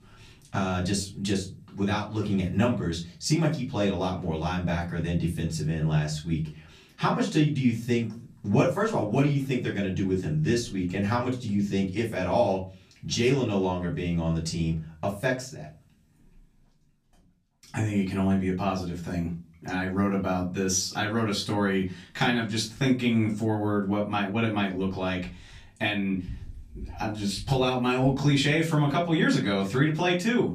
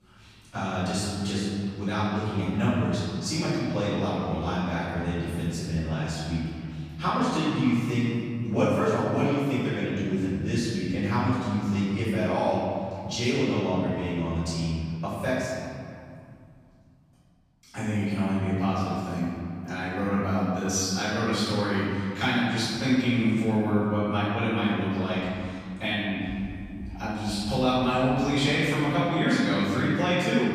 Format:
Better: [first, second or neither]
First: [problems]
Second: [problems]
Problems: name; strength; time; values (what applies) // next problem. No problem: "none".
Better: first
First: room echo; slight; dies away in 0.3 s // off-mic speech; far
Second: room echo; strong; dies away in 2.4 s // off-mic speech; far